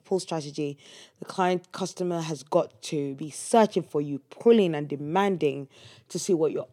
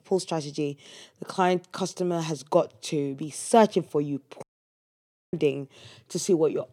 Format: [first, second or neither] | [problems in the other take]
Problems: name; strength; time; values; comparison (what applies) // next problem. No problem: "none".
first | audio cutting out; at 4.5 s for 1 s